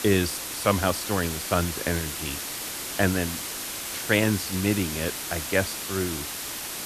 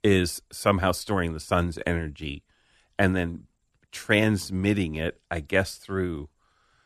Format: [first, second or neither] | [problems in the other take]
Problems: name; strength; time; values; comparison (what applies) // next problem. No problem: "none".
second | hiss; loud; throughout; 4 dB below the speech